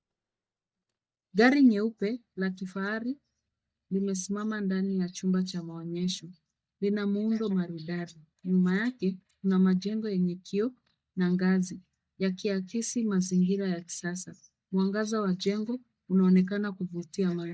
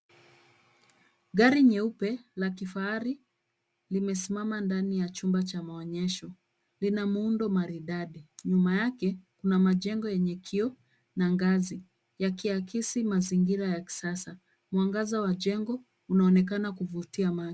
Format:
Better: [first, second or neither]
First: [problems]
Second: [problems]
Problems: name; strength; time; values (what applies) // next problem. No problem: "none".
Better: second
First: noise reduction (neural mask model DeepFilterNet 3)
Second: none